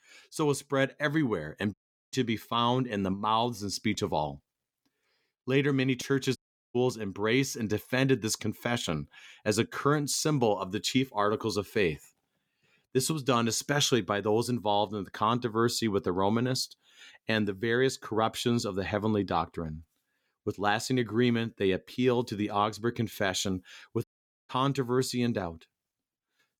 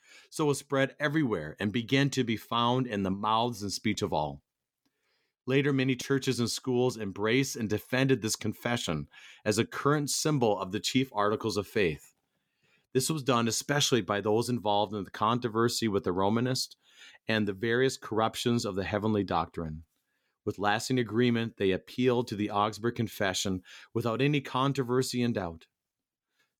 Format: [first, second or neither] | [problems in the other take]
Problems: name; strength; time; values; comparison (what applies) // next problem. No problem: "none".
second | audio cutting out; at 1.5 s, at 6.5 s and at 24 s